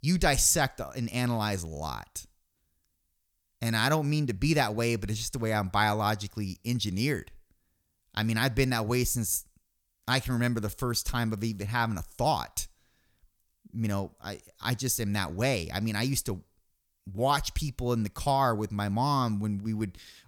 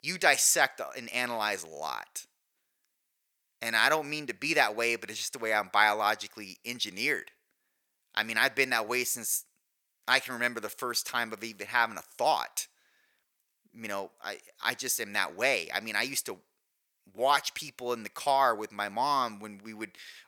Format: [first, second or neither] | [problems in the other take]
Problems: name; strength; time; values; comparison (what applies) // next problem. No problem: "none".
first | thin; very; fading below 500 Hz